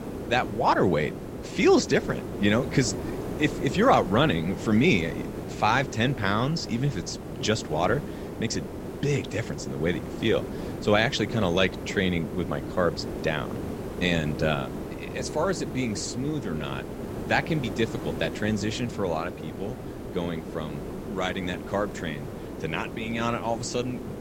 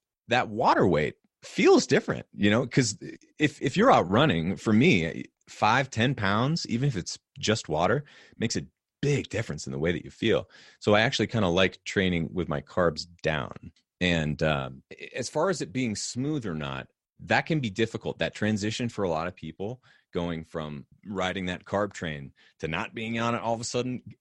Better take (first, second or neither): second